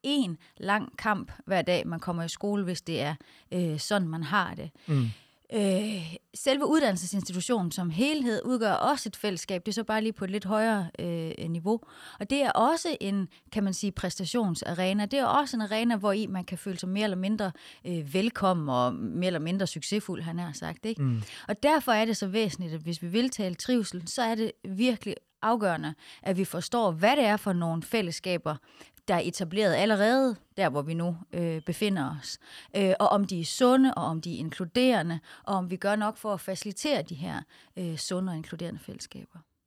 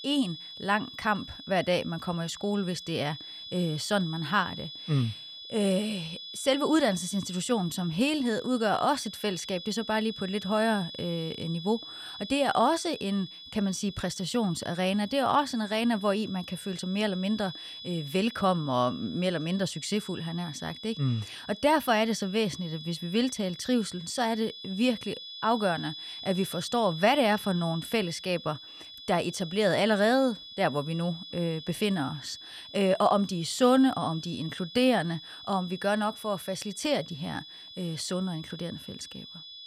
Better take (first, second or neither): first